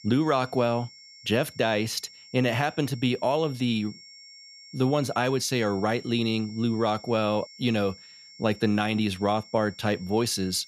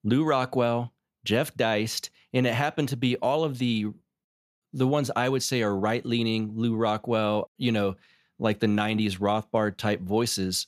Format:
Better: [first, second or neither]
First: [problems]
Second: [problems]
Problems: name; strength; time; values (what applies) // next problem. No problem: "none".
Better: second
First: high-pitched whine; noticeable; throughout; 5.5 kHz, 20 dB below the speech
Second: none